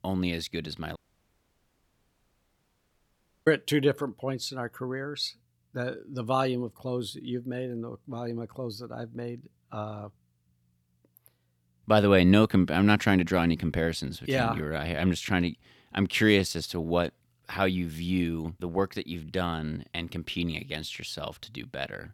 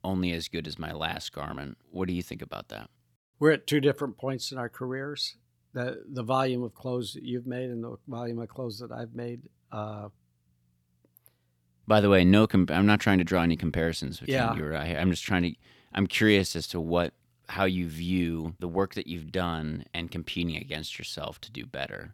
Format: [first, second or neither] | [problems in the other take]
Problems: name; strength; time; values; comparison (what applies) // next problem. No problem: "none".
second | audio cutting out; at 1 s for 2.5 s